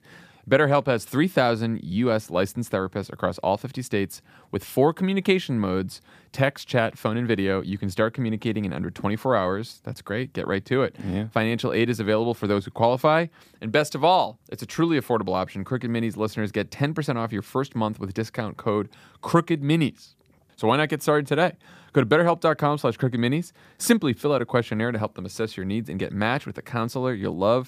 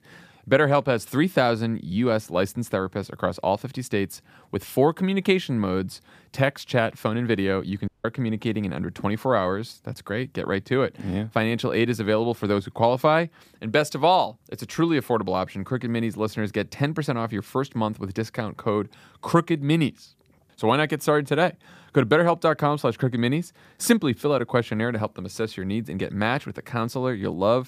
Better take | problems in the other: first | audio cutting out; at 8 s

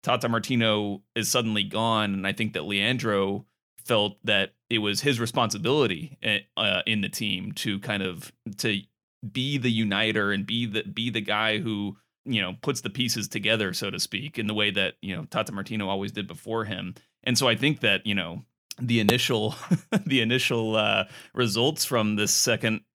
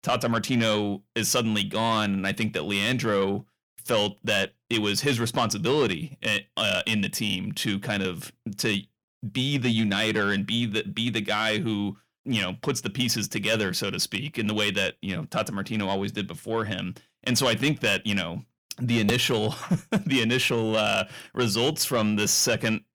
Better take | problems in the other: first | distortion; slight; 10 dB below the speech

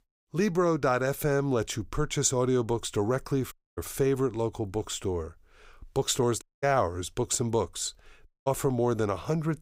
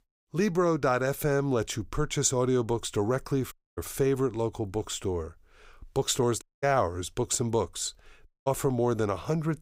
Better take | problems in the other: neither | audio cutting out; at 3.5 s, at 6.5 s and at 8.5 s; the same in both

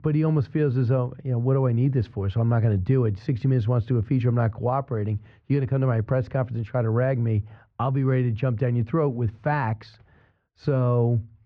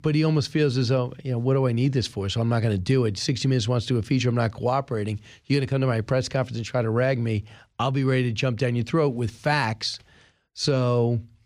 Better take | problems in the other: second | muffled; very; fading above 1.5 kHz

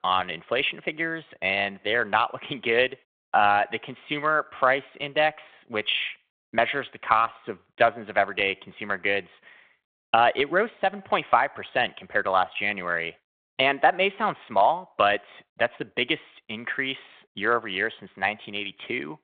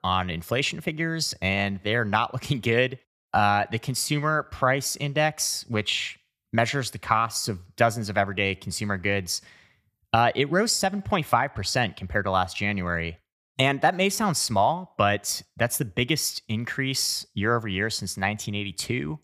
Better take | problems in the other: second | phone-call audio

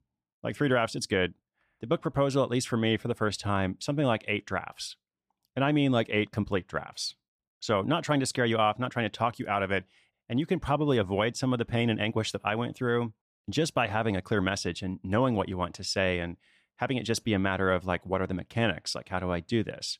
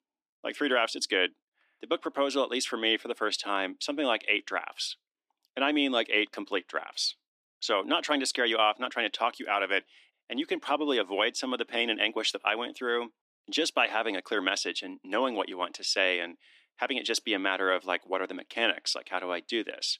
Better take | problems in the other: first | thin; somewhat; fading below 300 Hz

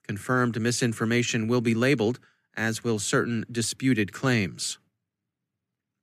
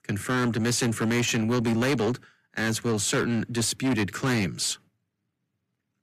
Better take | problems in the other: first | distortion; heavy; 8 dB below the speech

